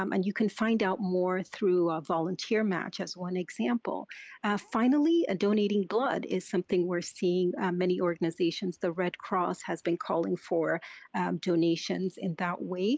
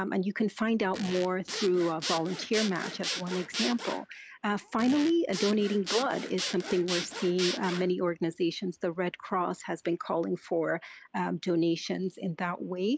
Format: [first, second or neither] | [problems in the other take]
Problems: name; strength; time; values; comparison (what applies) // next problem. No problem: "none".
first | background sound (Zipper (clothing) / Sawing); 7 dB below the speech